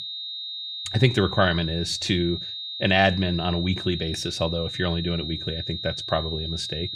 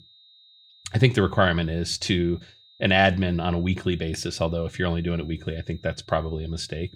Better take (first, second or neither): second